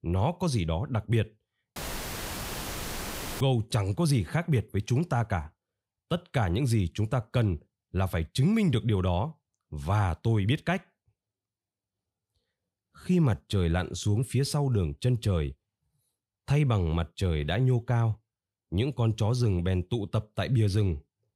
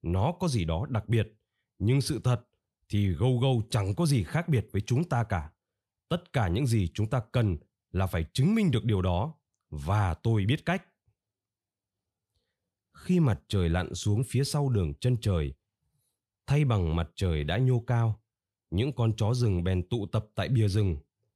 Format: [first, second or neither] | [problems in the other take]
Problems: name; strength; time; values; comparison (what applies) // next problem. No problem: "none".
second | audio cutting out; filled with static; at 2 s for 1.5 s